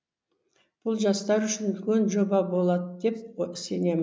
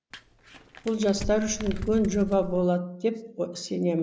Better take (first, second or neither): first